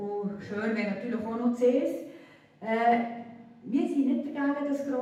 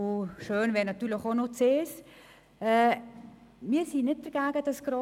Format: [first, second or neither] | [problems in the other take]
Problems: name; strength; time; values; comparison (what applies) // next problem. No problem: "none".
second | room echo; dies away in 0.8 s